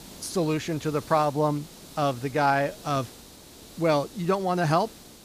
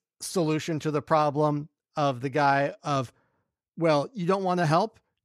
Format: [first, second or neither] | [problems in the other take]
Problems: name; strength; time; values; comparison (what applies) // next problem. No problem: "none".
second | hiss; noticeable; throughout; 20 dB below the speech